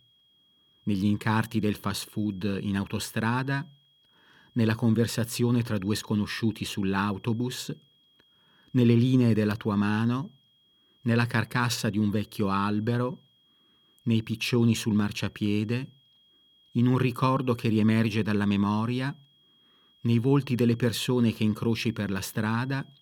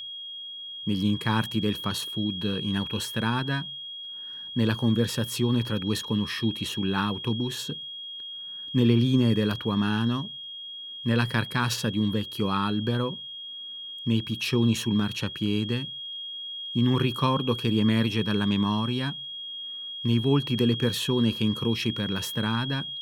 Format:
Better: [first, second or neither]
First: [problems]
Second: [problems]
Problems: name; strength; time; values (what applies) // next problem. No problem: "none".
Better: first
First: high-pitched whine; faint; throughout; 3.5 kHz, 35 dB below the speech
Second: high-pitched whine; loud; throughout; 3.5 kHz, 8 dB below the speech